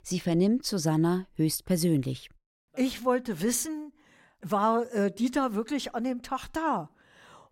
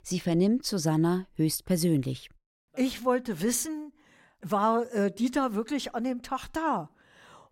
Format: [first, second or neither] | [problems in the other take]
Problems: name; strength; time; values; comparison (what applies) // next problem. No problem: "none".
neither | none